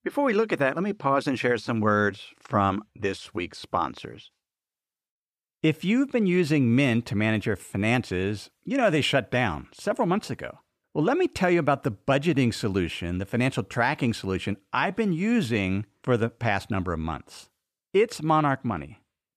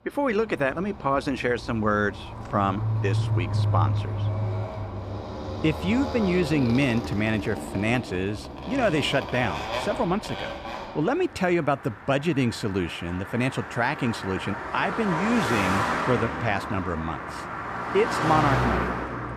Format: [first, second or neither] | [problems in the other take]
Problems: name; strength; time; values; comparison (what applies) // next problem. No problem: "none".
first | traffic noise; loud; throughout; 3 dB below the speech